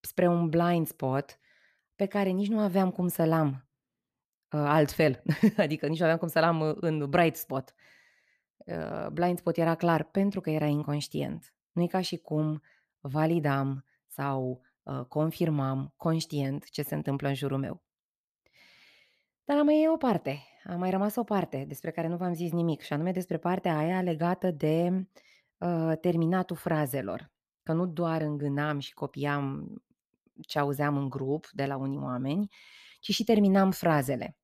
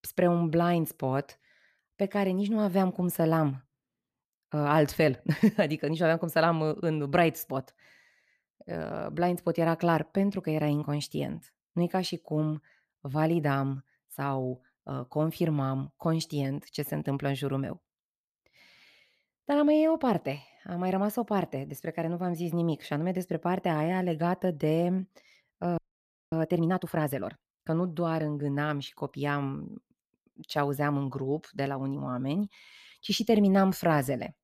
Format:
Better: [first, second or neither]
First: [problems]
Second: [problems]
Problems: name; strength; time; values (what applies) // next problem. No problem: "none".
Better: first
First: none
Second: audio freezing; at 26 s for 0.5 s